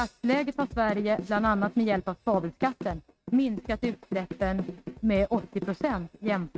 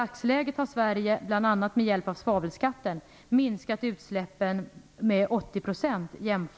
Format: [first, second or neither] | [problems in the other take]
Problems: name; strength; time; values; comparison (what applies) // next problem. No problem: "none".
second | noise reduction (neural mask model RNNoise)